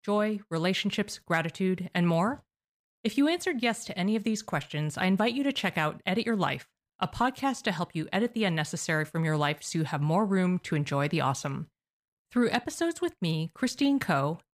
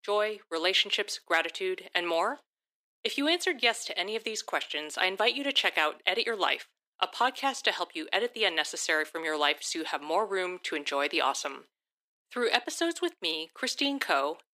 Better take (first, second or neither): first